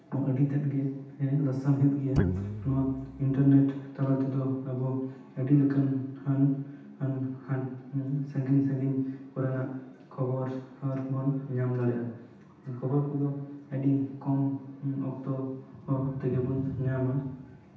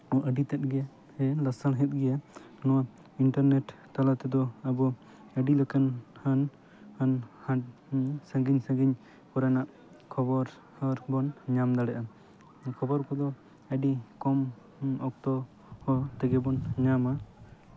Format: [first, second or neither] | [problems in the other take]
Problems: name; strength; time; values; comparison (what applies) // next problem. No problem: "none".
second | background sound (Guitar); 5 dB below the speech // room echo; dies away in 0.9 s